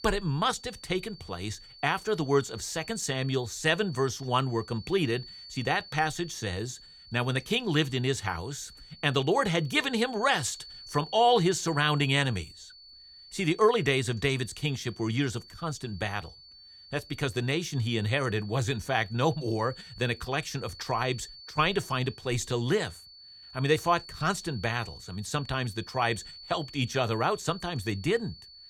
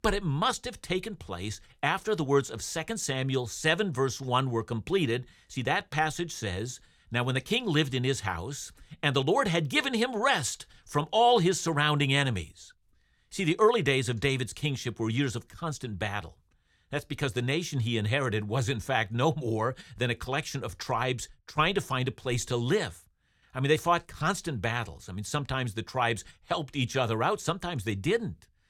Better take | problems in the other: second | high-pitched whine; noticeable; throughout; 4.5 kHz, 15 dB below the speech

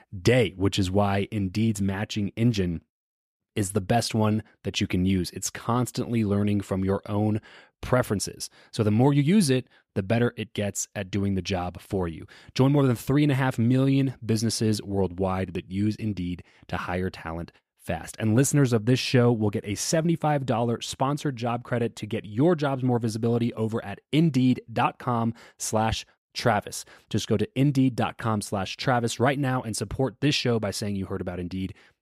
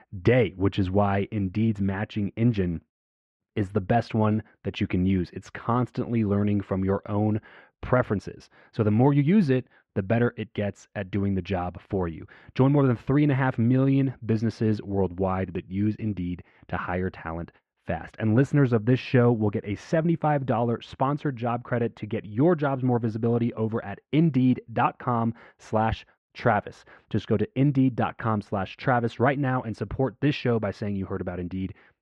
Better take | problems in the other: first | muffled; very; fading above 2 kHz

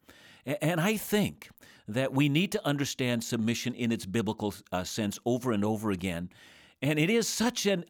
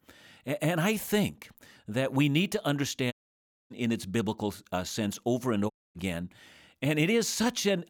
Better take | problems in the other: first | audio cutting out; at 3 s for 0.5 s and at 5.5 s

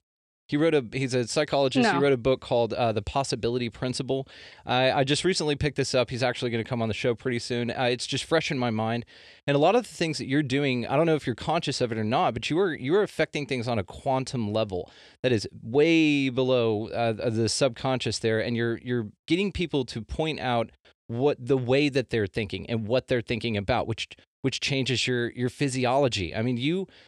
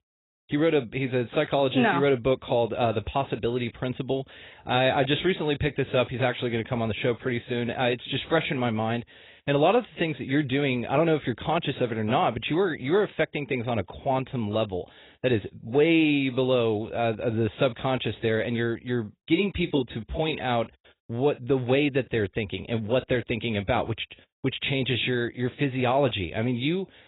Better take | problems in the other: first | garbled, watery; badly; nothing above 4 kHz

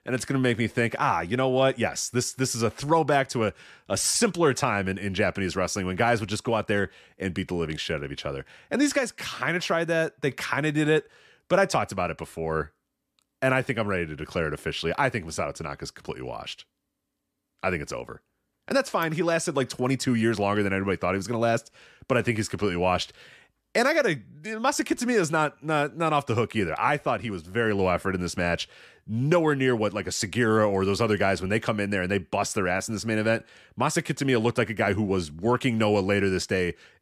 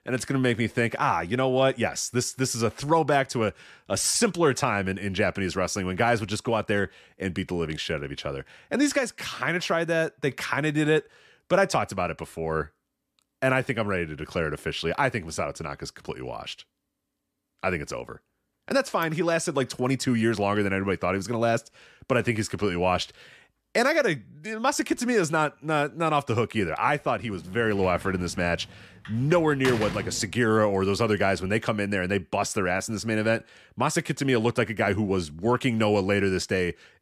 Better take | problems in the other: first | door banging; noticeable; from 27 to 30 s; peak 5 dB below the speech

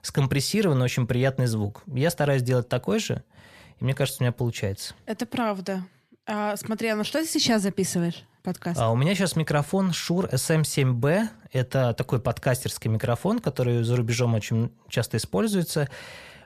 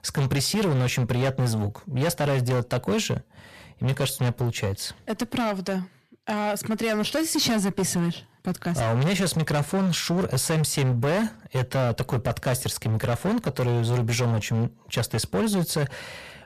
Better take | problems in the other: first | distortion; slight; 20% of the sound clipped

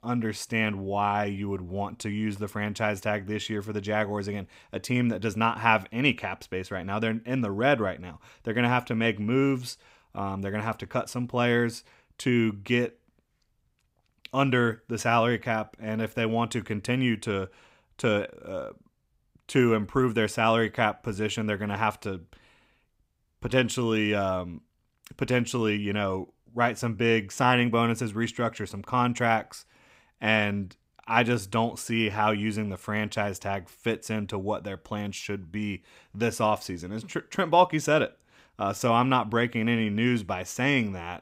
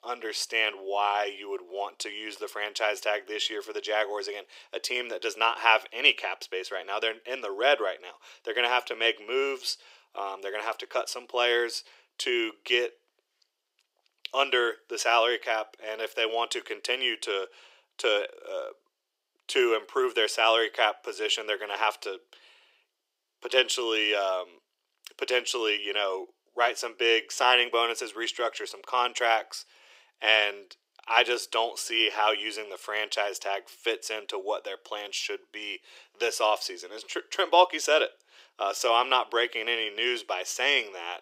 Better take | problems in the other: first | thin; very; fading below 350 Hz

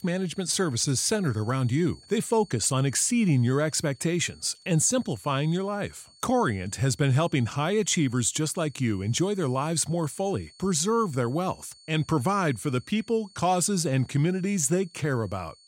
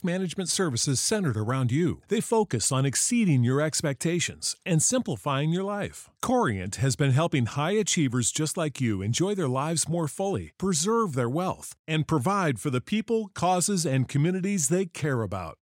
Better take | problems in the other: second | high-pitched whine; faint; throughout; 4.5 kHz, 25 dB below the speech

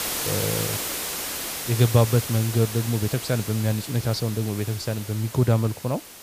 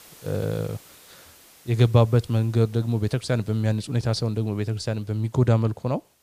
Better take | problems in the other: second | hiss; loud; throughout; 6 dB below the speech; faint in the second

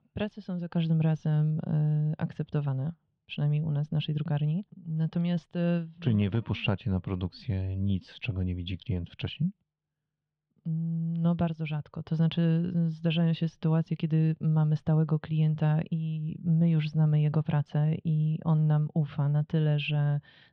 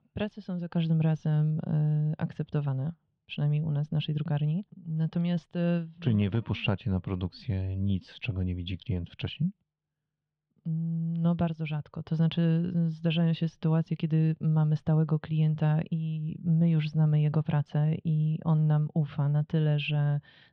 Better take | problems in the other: neither | muffled; very; fading above 3.5 kHz; the same in both

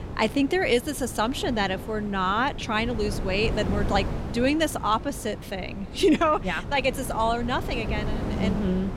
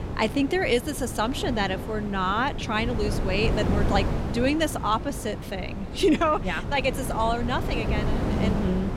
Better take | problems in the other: first | wind noise on the microphone; heavy; 9 dB below the speech; occasional gusts in the first

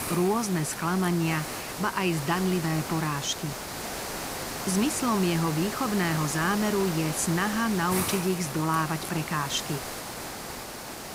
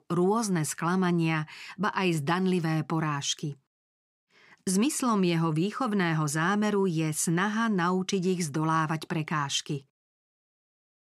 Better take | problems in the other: second | hiss; loud; throughout; 6 dB below the speech

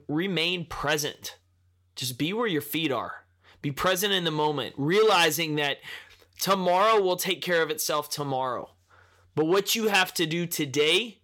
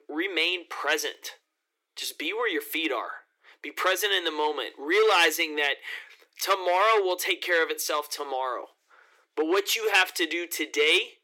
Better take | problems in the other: first | thin; very; fading below 300 Hz

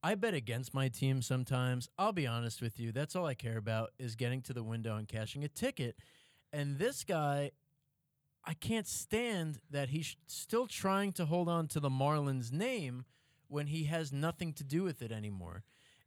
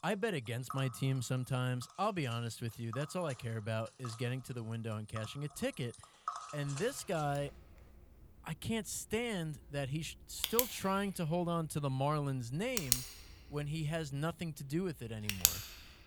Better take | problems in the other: first | household noises; very loud; throughout; 1 dB above the speech

